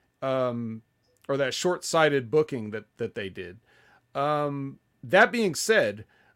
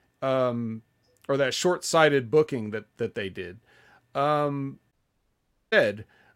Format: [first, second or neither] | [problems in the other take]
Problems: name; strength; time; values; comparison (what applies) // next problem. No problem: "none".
first | audio cutting out; at 5 s for 1 s